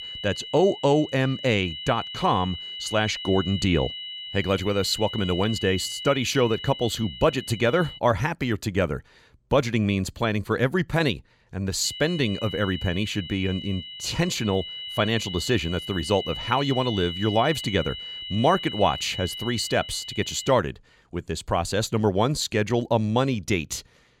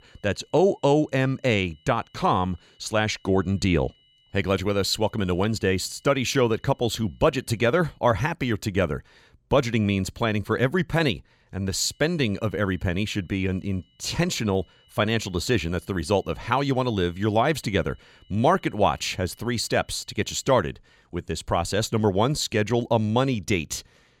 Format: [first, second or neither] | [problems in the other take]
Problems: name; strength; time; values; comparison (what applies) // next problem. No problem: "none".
second | high-pitched whine; loud; until 8 s and from 12 to 21 s; 3 kHz, 9 dB below the speech; faint in the second